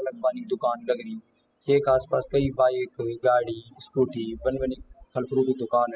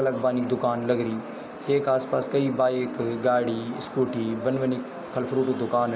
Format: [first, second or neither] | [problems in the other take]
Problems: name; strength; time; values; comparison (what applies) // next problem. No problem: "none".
second | noise reduction (classical method spectral subtraction)